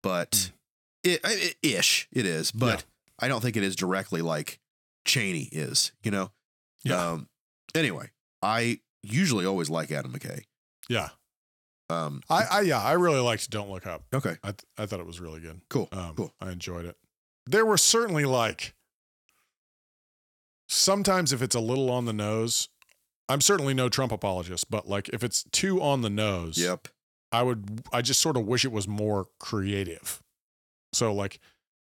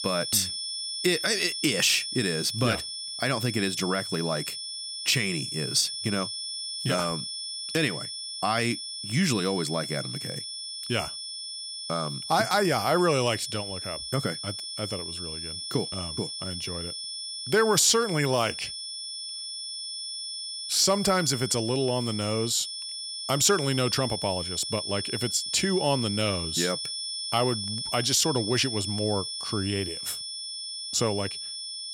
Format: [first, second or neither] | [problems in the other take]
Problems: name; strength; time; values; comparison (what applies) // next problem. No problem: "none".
first | high-pitched whine; loud; throughout; 5.5 kHz, 5 dB below the speech